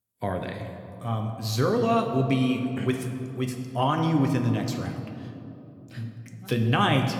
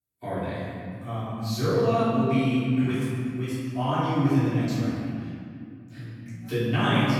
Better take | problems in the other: first | room echo; strong; dies away in 2.3 s; slight in the first // off-mic speech; far

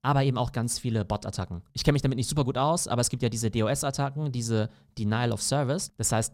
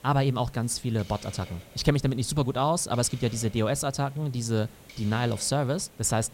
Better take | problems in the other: first | hiss; faint; throughout; 20 dB below the speech

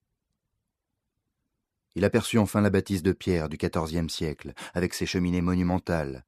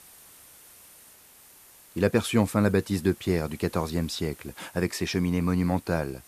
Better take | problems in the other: first | hiss; faint; throughout; 25 dB below the speech

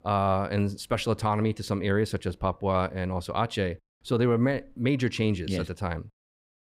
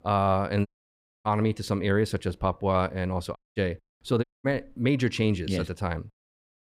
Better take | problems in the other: first | audio cutting out; at 0.5 s for 0.5 s, at 3.5 s and at 4 s

